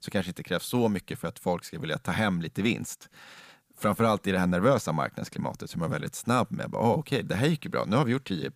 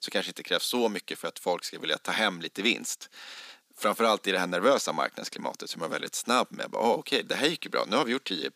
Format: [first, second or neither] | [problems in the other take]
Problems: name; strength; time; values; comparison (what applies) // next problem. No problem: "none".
first | thin; somewhat; fading below 250 Hz